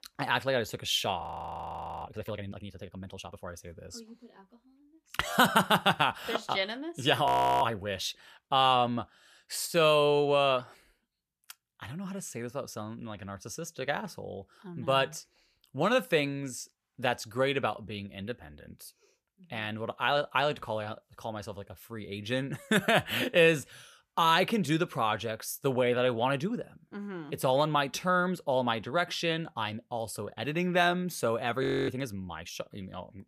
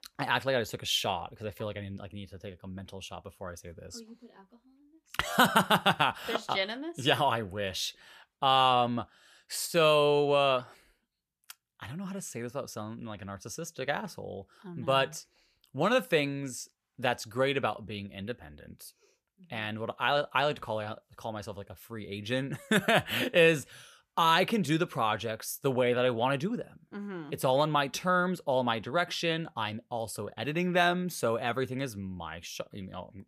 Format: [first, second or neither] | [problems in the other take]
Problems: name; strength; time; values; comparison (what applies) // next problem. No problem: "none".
second | audio freezing; at 1 s for 1 s, at 7.5 s and at 32 s